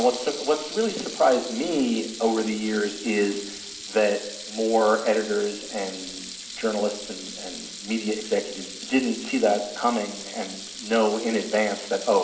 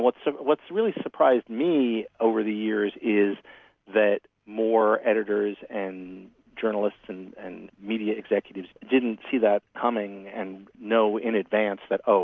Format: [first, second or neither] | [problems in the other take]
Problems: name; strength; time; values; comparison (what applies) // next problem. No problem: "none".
second | background sound (Sink (filling or washing) / Water tap, faucet); 12 dB below the speech // room echo; dies away in 2 s